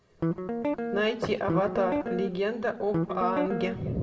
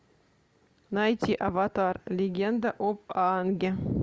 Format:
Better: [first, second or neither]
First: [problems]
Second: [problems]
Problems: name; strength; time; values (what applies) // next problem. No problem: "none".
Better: second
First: background sound (Guitar); 1 dB below the speech // room echo; dies away in 0.9 s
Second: none